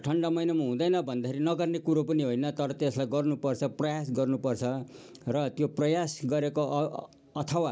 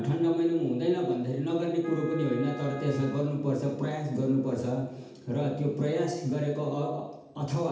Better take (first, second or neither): first